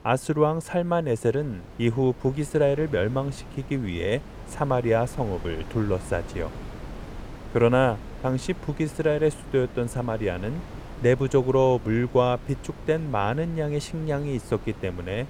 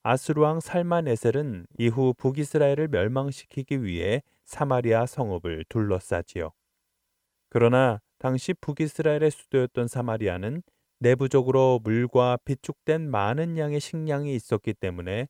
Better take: second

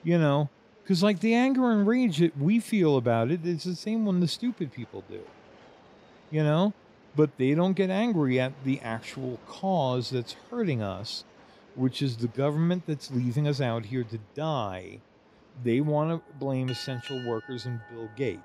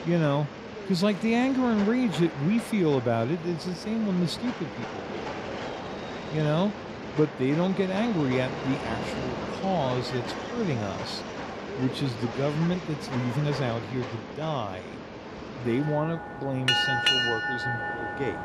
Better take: first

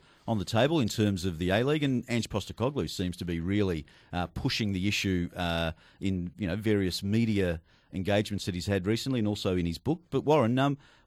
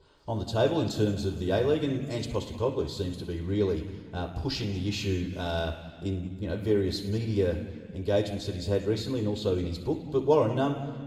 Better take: first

